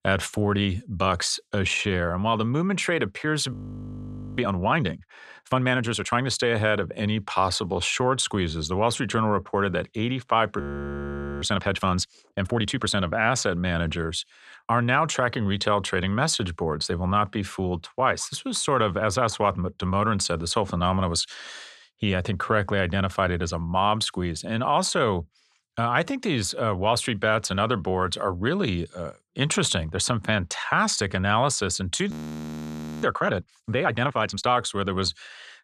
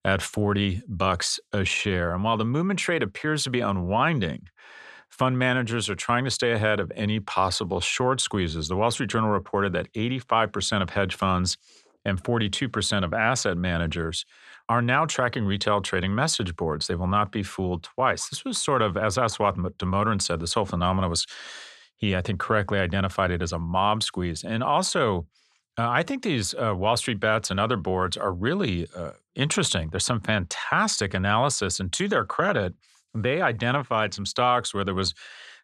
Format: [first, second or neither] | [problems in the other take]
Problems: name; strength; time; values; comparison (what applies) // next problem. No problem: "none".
second | audio freezing; at 3.5 s for 1 s, at 11 s for 1 s and at 32 s for 1 s